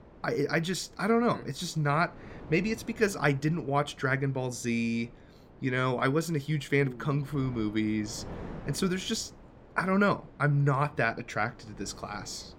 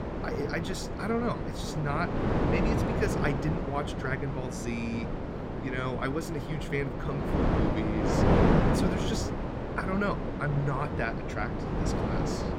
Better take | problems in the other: first | wind noise on the microphone; heavy; 1 dB above the speech; occasional gusts in the first

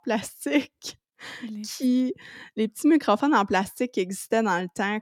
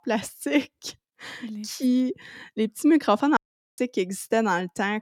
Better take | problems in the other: first | audio cutting out; at 3.5 s

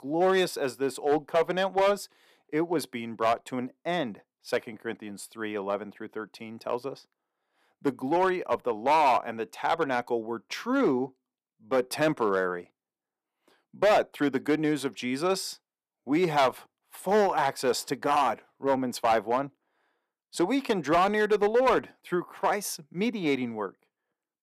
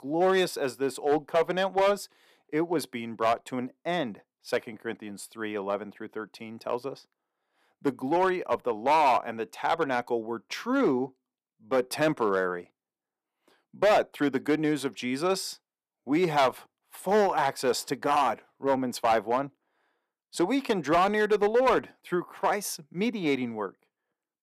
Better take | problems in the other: neither | distortion; slight; 3% of the sound clipped; the same in both

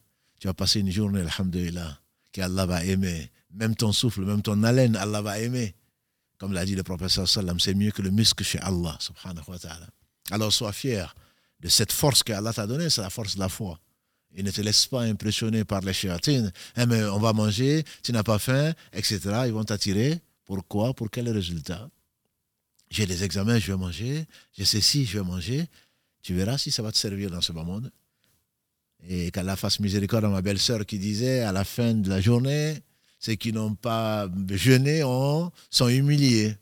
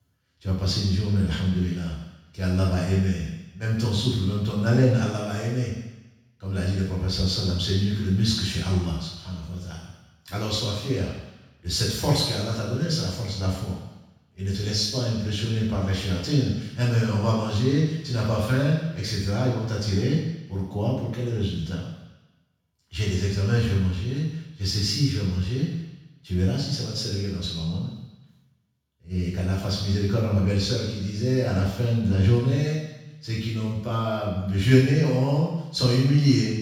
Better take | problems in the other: first | room echo; strong; dies away in 1.1 s // off-mic speech; far

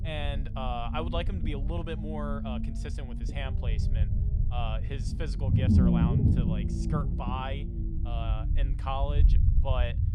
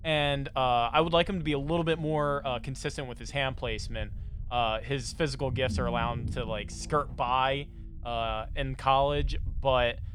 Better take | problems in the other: second | low rumble; loud; throughout; 3 dB below the speech; faint in the second

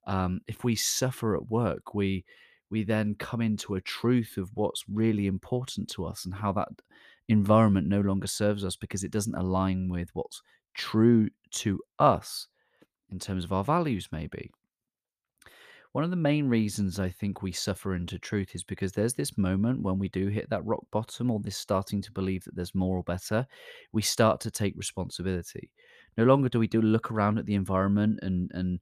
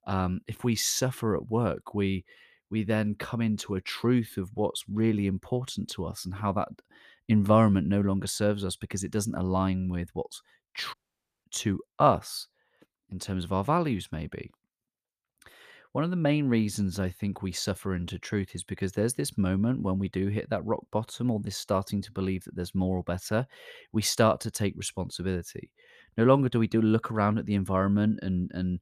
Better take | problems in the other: first | audio cutting out; at 11 s for 0.5 s

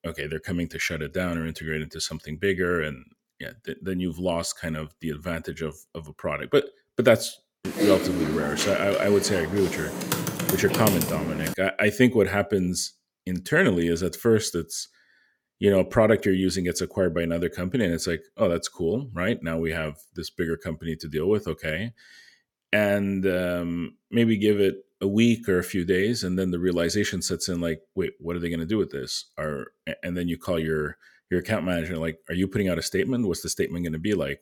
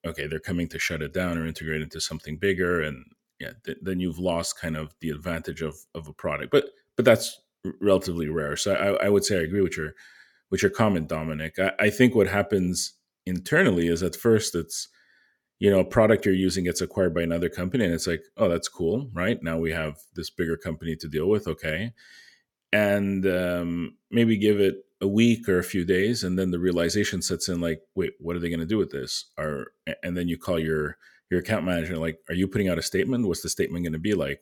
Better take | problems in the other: second | keyboard typing; loud; from 7.5 to 12 s; peak 1 dB above the speech

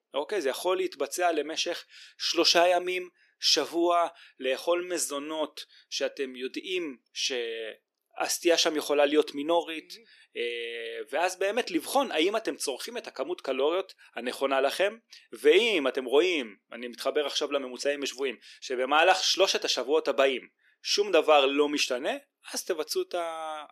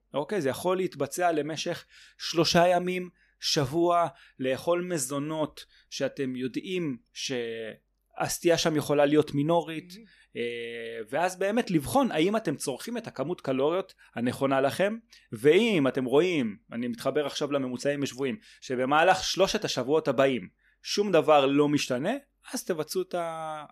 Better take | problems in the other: second | thin; somewhat; fading below 350 Hz

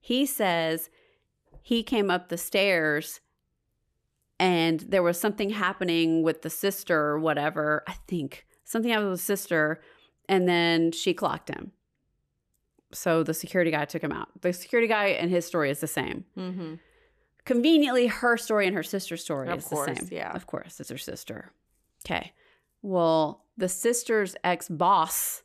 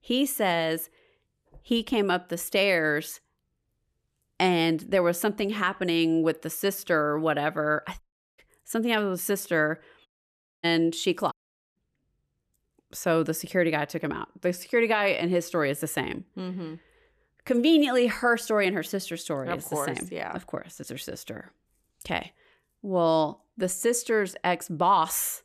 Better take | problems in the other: first | audio cutting out; at 8 s, at 10 s for 0.5 s and at 11 s

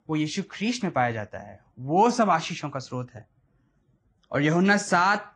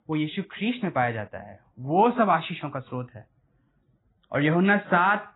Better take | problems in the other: first | garbled, watery; badly; nothing above 4 kHz; slightly in the first

